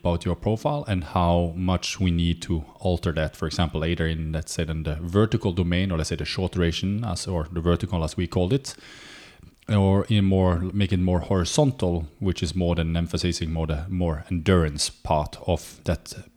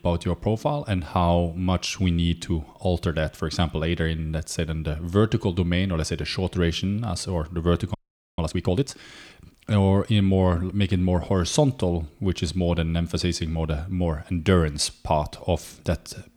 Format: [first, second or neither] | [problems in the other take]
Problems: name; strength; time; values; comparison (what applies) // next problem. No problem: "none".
first | audio freezing; at 8 s